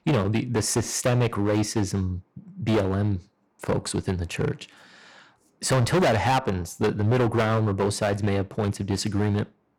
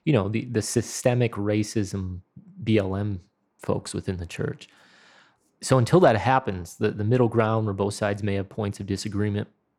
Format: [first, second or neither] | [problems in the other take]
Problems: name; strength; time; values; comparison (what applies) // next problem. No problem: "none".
second | distortion; heavy; 12% of the sound clipped